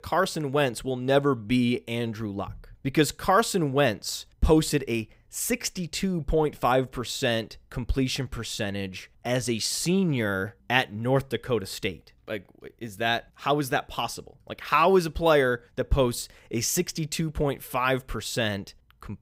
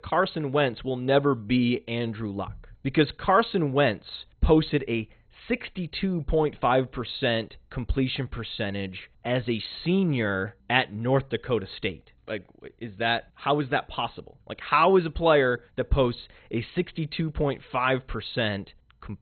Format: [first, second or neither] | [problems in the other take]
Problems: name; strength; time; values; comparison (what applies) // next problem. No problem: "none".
first | garbled, watery; badly; nothing above 4 kHz